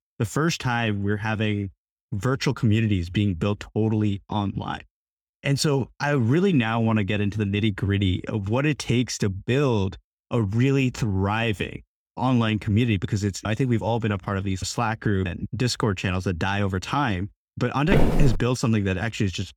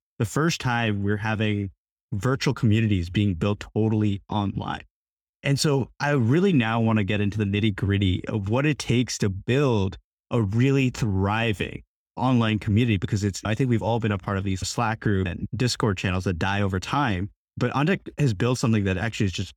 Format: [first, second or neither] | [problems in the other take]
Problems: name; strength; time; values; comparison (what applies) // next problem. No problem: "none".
second | footsteps; loud; at 18 s; peak 2 dB above the speech